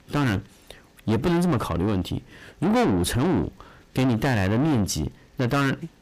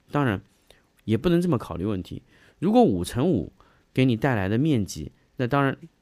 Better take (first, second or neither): second